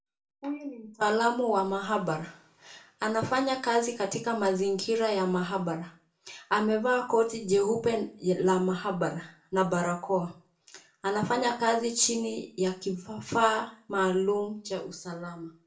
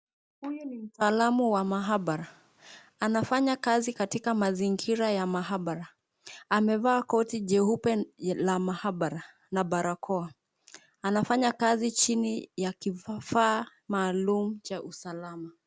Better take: second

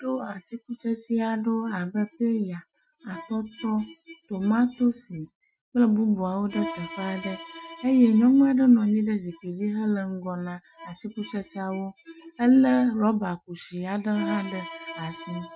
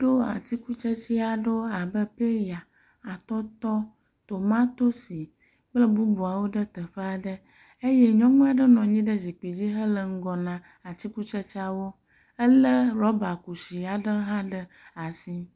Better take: second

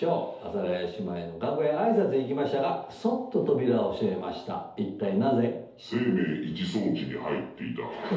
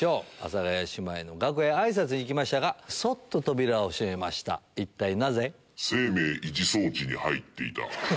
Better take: second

